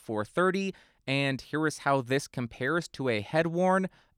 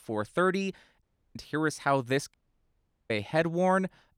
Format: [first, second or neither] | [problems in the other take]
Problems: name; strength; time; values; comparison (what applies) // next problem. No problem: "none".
first | audio cutting out; at 1 s and at 2.5 s for 1 s